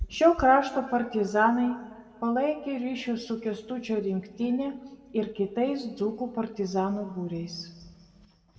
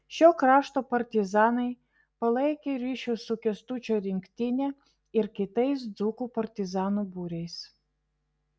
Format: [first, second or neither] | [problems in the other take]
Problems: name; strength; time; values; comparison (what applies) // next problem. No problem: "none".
second | background sound (Meow); 20 dB below the speech // room echo; dies away in 1.2 s